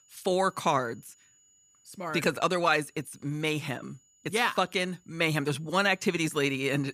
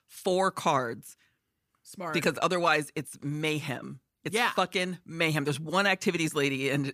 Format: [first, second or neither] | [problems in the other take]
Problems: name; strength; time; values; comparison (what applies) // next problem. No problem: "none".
second | high-pitched whine; faint; throughout; 7 kHz, 35 dB below the speech